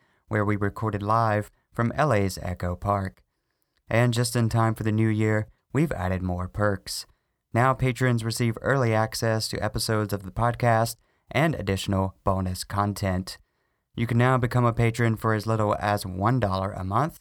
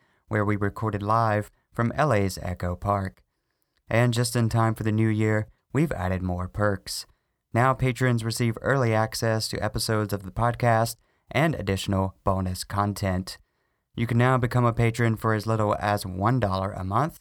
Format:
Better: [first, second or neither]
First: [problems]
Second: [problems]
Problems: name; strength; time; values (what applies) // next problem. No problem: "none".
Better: neither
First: none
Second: none